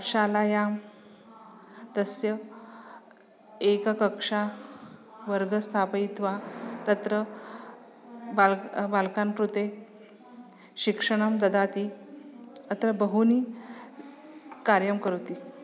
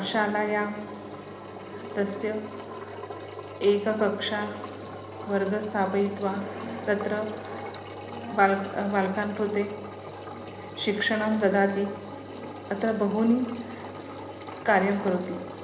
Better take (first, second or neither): first